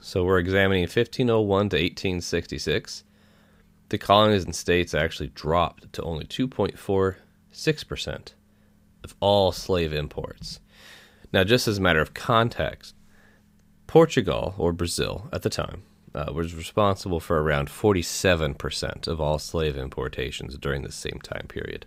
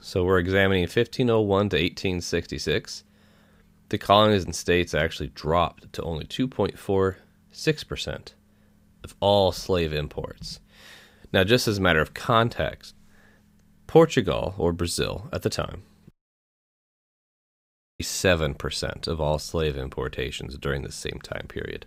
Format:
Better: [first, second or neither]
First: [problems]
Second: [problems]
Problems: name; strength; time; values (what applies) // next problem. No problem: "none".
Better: first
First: none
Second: audio cutting out; at 16 s for 2 s